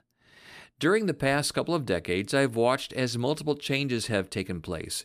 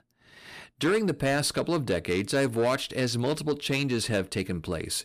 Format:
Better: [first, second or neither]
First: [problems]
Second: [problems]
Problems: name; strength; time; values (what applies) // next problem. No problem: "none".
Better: first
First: none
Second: distortion; slight; 10 dB below the speech